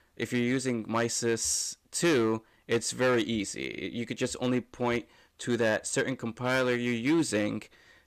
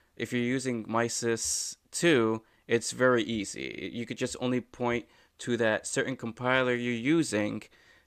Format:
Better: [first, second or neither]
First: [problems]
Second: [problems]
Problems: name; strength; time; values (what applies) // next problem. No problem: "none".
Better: second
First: distortion; slight; 5% of the sound clipped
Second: none